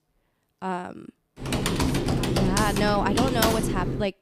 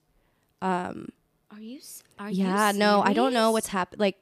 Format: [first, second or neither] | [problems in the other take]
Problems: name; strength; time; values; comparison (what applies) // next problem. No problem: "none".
second | keyboard typing; loud; from 1.5 s on; peak 4 dB above the speech